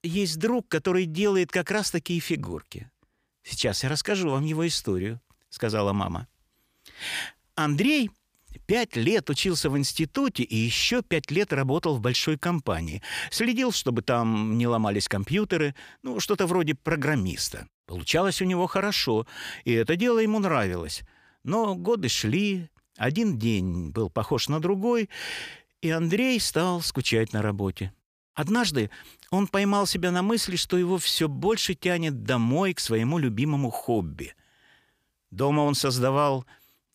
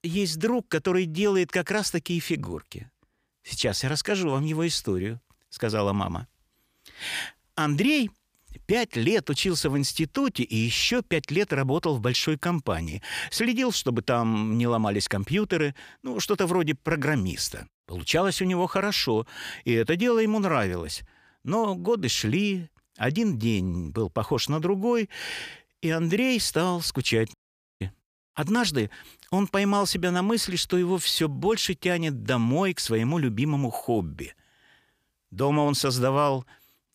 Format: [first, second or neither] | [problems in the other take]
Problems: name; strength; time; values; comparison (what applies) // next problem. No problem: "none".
first | audio cutting out; at 27 s